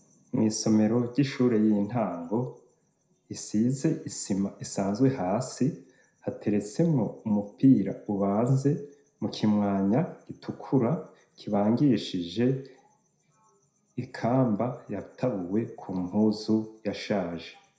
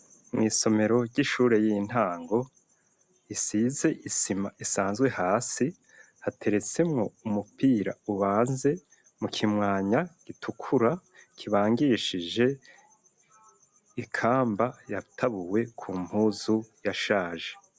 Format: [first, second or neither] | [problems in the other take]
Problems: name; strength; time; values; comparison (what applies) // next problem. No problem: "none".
second | room echo; dies away in 0.4 s